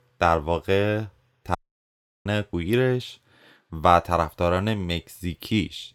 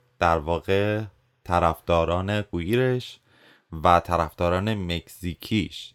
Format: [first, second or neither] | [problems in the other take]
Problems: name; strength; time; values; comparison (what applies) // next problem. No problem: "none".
second | audio cutting out; at 1.5 s for 0.5 s